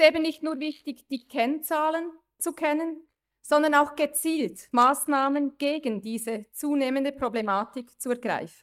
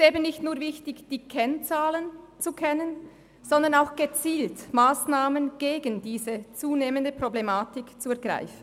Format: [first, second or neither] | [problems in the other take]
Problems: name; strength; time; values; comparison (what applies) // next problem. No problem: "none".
second | noise reduction (neural mask model DeepFilterNet 3)